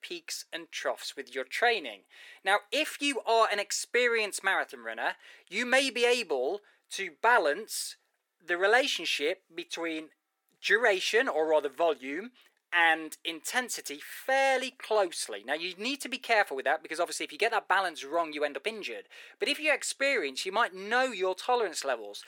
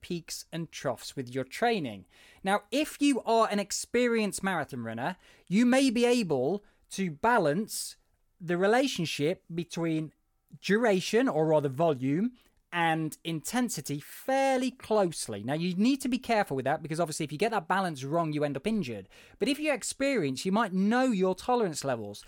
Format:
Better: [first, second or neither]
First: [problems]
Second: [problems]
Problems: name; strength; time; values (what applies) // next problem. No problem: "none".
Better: second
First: thin; very; fading below 350 Hz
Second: none